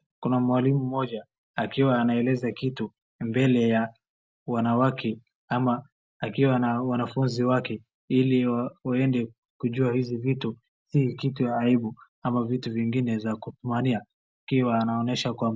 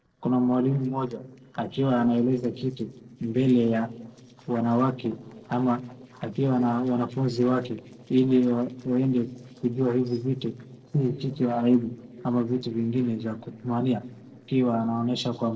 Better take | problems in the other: first | noise reduction (neural separator model SepFormer DNS4)

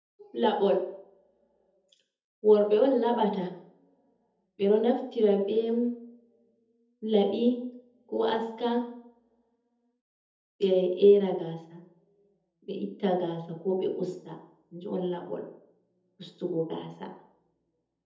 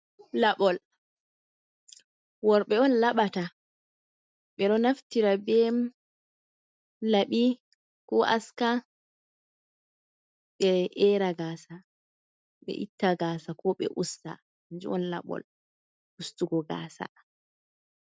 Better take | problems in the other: second | room echo; dies away in 0.7 s

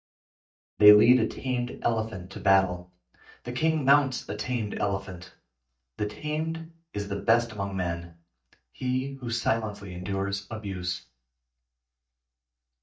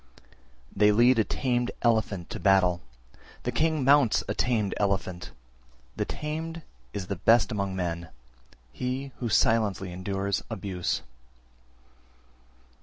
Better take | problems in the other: second | noise reduction (neural mask model DeepFilterNet 3)

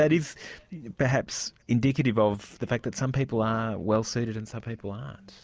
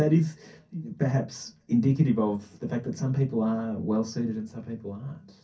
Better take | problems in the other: first | room echo; dies away in 0.3 s

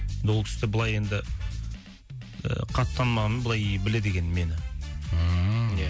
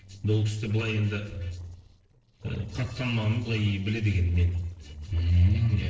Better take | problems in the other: first | noise reduction (neural separator model SepFormer DNS4)

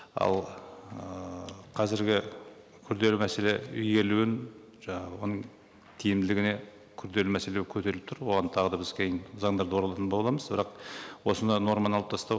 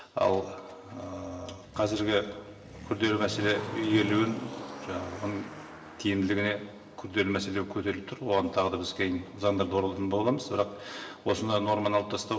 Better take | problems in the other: first | background sound (Motor vehicle (road)); 15 dB below the speech // room echo; dies away in 0.9 s

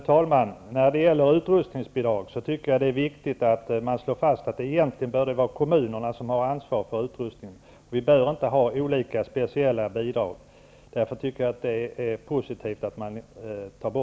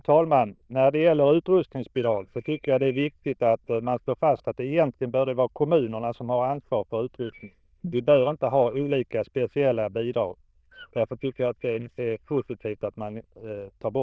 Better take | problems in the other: first | noise reduction (neural diffusion model UNIVERSE++)

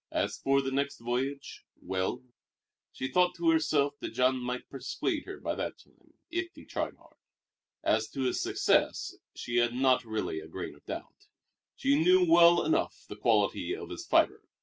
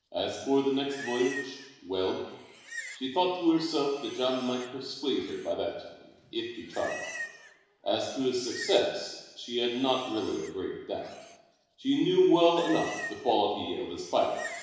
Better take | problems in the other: first | background sound (Livestock, farm animals, working animals); 16 dB below the speech // room echo; dies away in 1 s

